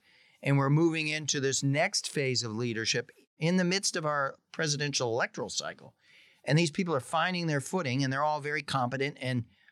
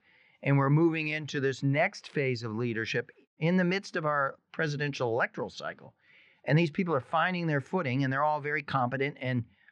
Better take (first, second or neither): first